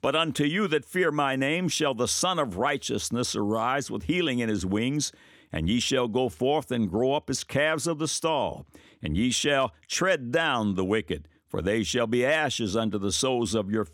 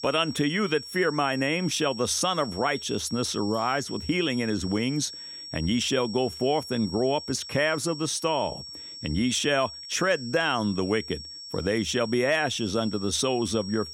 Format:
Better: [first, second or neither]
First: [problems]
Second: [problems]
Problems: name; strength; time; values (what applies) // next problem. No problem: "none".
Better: first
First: none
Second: high-pitched whine; noticeable; throughout; 5.5 kHz, 10 dB below the speech